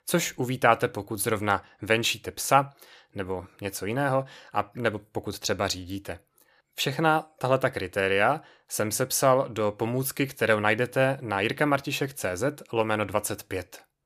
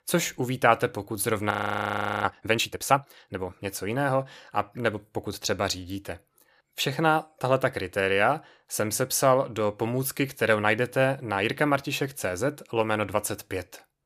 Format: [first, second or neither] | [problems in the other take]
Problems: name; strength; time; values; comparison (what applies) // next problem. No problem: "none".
first | audio freezing; at 1.5 s for 0.5 s